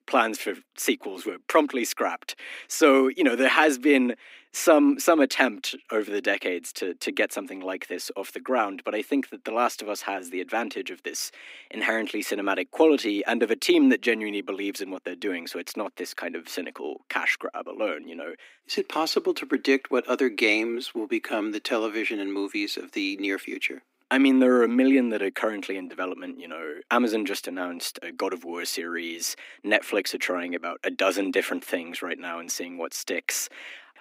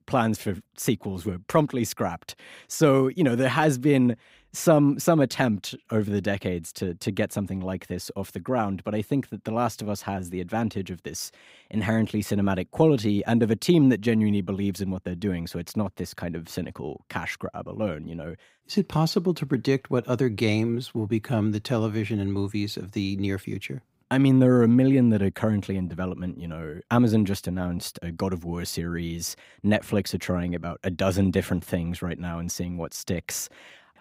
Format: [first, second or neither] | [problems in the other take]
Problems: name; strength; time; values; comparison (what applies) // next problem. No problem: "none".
second | thin; very slightly; fading below 250 Hz